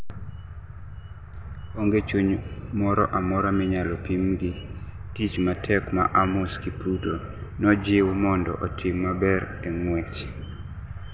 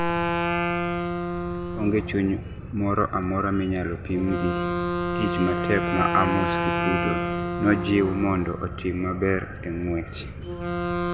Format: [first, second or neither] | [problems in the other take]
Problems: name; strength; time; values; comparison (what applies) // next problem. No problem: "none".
first | background sound (Wind instrument, woodwind instrument); 2 dB below the speech